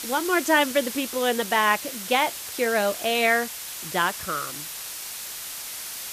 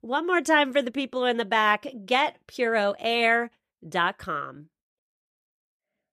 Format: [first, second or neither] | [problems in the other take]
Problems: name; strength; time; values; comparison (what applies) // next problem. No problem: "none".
second | hiss; loud; throughout; 8 dB below the speech